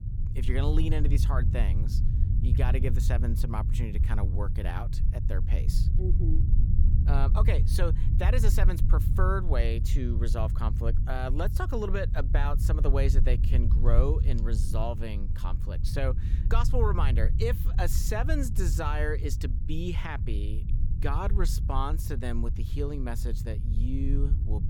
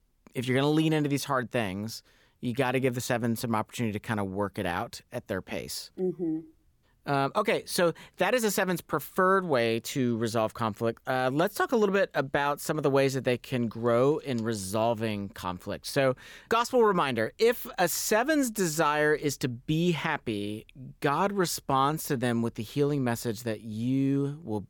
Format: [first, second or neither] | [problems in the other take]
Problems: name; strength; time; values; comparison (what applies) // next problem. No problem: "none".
second | low rumble; loud; throughout; 9 dB below the speech